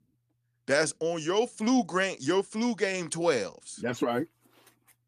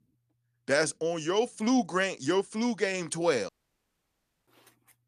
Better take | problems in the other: first | audio cutting out; at 3.5 s for 1 s

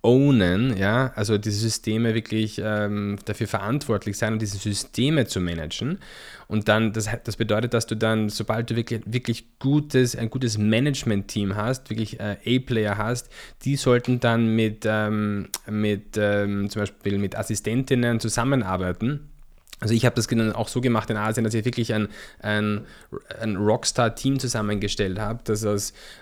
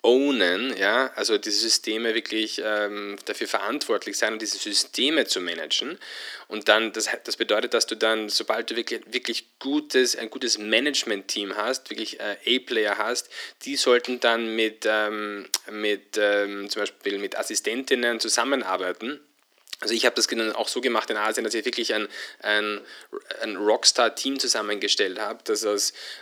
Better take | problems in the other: first | thin; somewhat; fading below 300 Hz

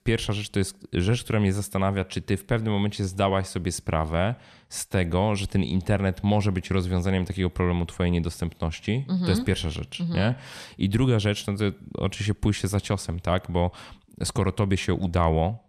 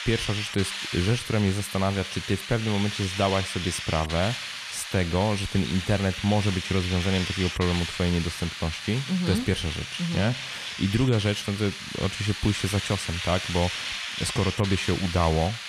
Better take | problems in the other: first | hiss; loud; throughout; 5 dB below the speech

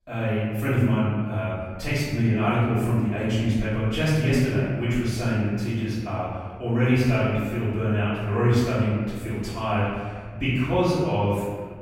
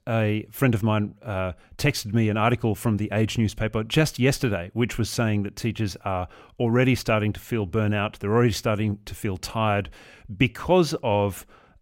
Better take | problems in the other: second | off-mic speech; far // room echo; strong; dies away in 1.6 s

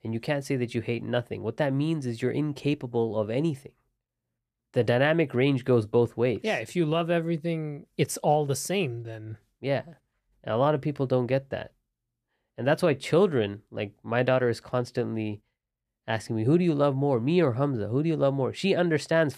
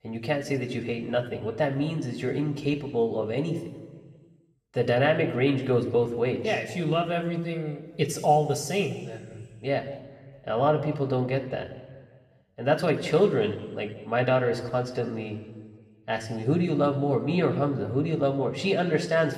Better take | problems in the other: first | room echo; slight; dies away in 1.3 s

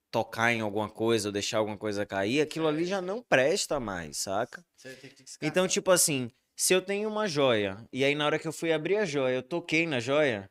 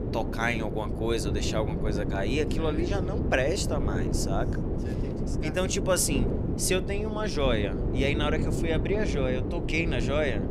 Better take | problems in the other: first | wind noise on the microphone; heavy; 7 dB below the speech

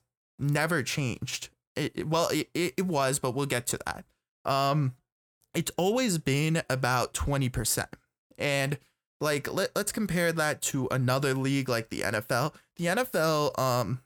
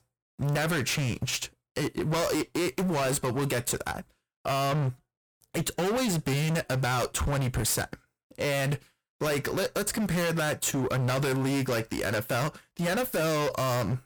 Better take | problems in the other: first | distortion; heavy; 28% of the sound clipped

